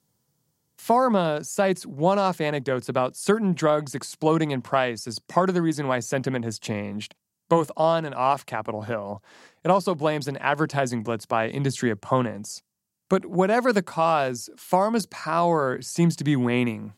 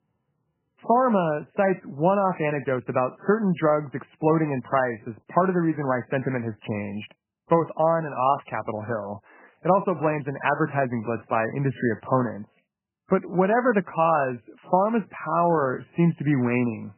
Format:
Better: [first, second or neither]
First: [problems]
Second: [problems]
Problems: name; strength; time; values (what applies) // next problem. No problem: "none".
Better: first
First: none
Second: garbled, watery; badly; nothing above 3 kHz